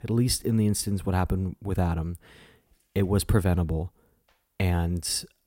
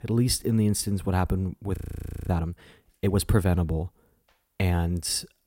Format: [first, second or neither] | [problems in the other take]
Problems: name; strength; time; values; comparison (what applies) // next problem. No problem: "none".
first | audio freezing; at 2 s for 0.5 s